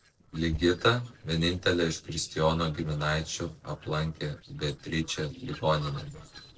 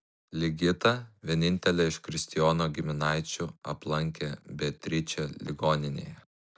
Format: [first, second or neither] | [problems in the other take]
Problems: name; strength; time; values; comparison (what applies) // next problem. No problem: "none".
second | noise reduction (neural separator model SepFormer DNS4)